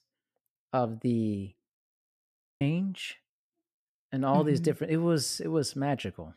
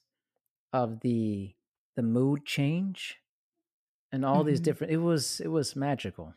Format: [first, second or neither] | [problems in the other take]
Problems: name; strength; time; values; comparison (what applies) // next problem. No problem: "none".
second | audio freezing; at 2 s for 1 s